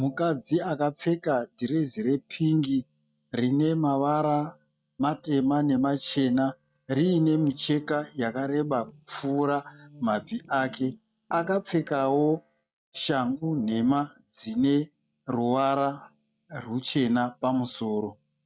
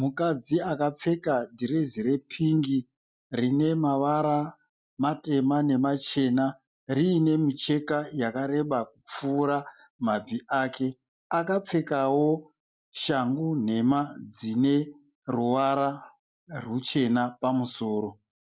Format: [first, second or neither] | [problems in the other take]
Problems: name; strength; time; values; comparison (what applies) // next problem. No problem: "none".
second | noise reduction (neural mask model RNNoise)